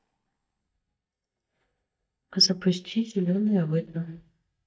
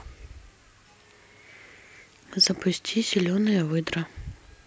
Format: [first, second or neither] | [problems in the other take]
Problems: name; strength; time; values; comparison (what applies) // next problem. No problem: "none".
second | noise reduction (neural mask model DeepFilterNet 3)